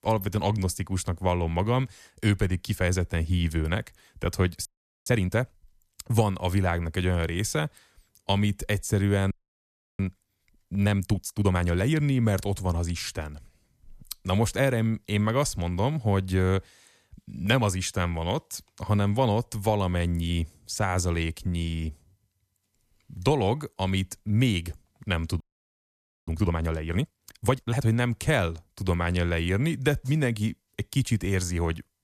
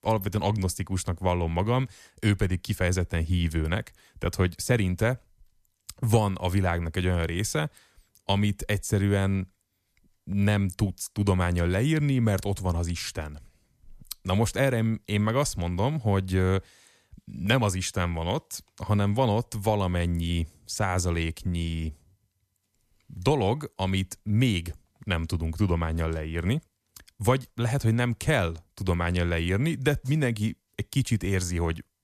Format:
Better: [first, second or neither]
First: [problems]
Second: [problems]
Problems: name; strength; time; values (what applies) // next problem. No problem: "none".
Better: second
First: audio freezing; at 4.5 s, at 9.5 s for 0.5 s and at 25 s for 1 s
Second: none